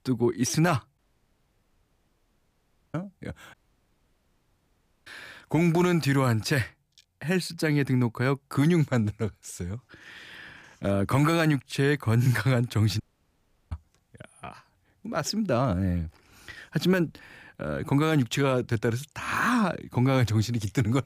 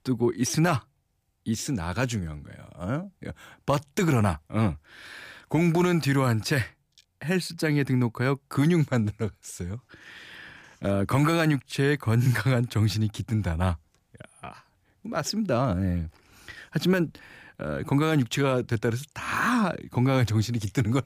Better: second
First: audio cutting out; at 1 s for 2 s, at 3.5 s for 1.5 s and at 13 s for 0.5 s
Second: none

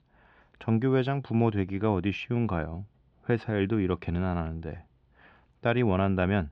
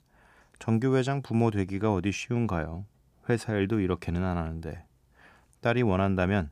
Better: second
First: muffled; slightly; fading above 3.5 kHz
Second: none

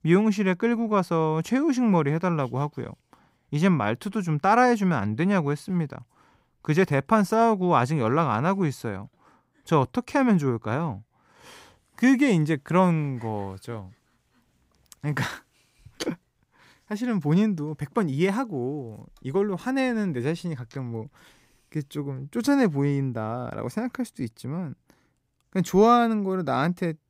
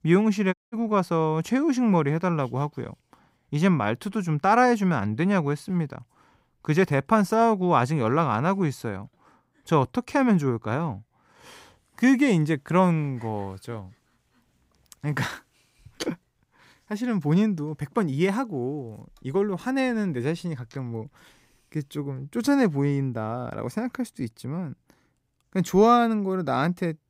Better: first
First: none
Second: audio cutting out; at 0.5 s

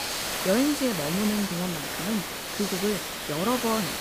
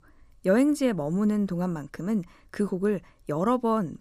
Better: second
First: hiss; loud; throughout; 1 dB below the speech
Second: none

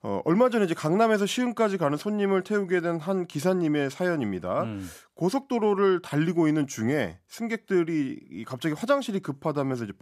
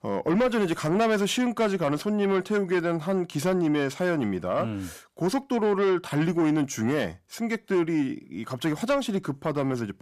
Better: first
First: none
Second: distortion; slight; 10 dB below the speech

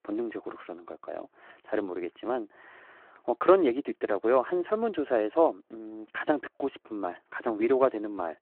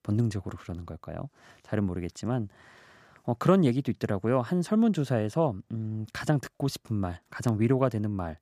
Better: second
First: phone-call audio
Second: none

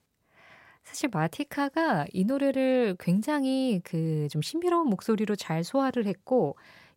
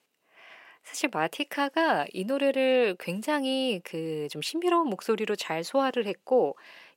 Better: first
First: none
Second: thin; somewhat; fading below 400 Hz

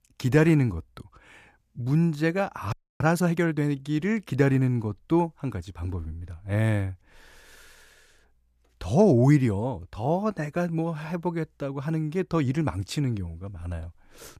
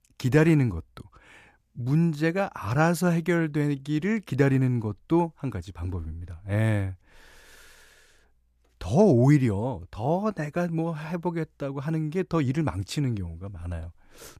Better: second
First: audio freezing; at 2.5 s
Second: none

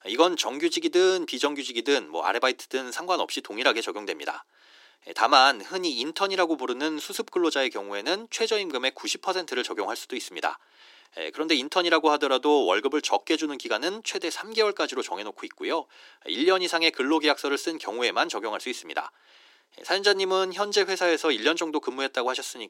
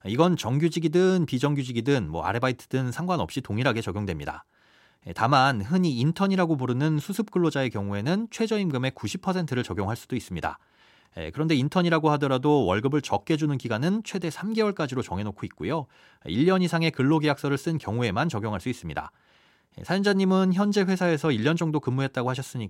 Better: second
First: thin; very; fading below 300 Hz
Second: none

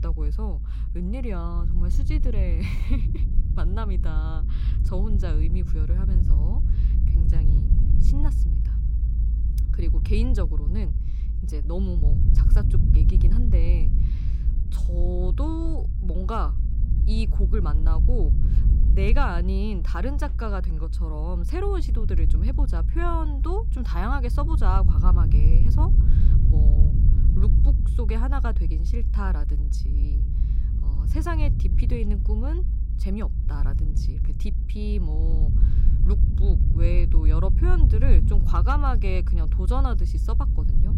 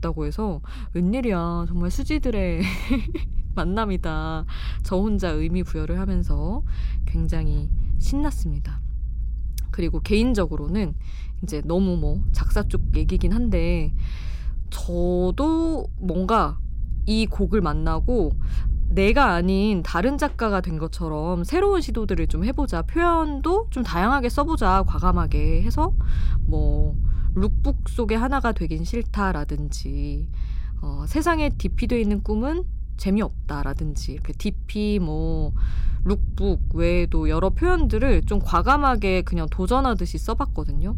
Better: second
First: low rumble; loud; throughout; 7 dB below the speech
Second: low rumble; faint; throughout; 25 dB below the speech

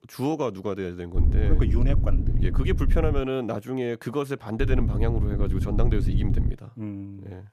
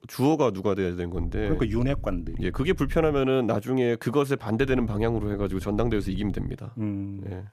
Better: second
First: low rumble; loud; from 1 to 3 s and from 4.5 to 6.5 s; 8 dB below the speech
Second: low rumble; faint; from 1 to 3 s and from 4.5 to 6.5 s; 25 dB below the speech

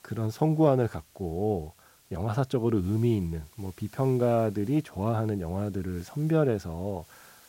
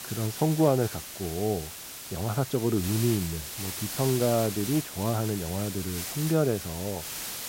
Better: first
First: hiss; faint; throughout; 25 dB below the speech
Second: hiss; loud; throughout; 7 dB below the speech

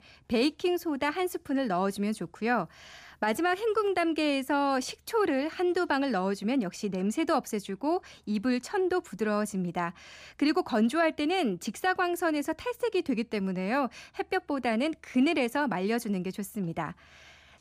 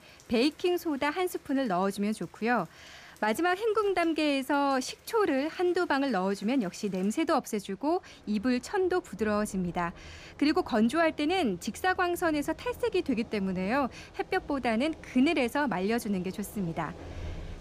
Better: first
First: none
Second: rain or running water; faint; throughout; 20 dB below the speech

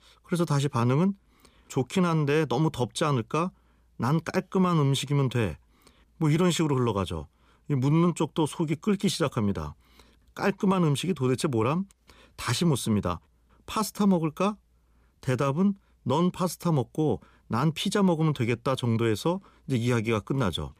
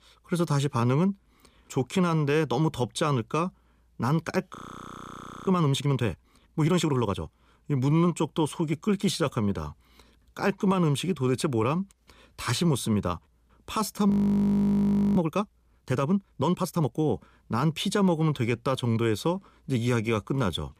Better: first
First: none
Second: audio freezing; at 4.5 s for 1 s and at 14 s for 1 s

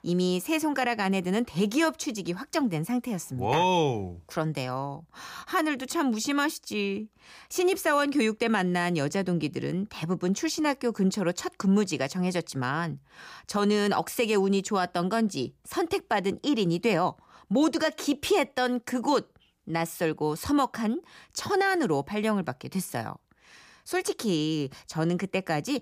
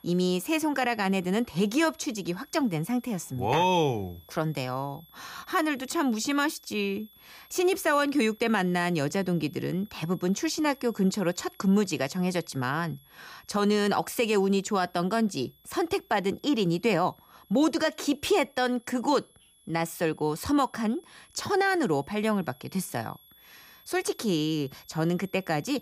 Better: first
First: none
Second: high-pitched whine; faint; throughout; 3.5 kHz, 30 dB below the speech

